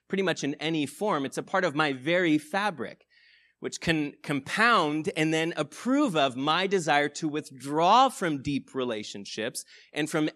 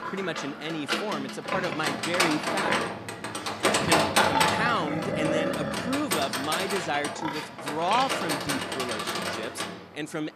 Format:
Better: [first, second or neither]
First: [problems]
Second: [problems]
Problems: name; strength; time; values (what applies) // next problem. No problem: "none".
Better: first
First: none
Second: animal sounds; very loud; throughout; 4 dB above the speech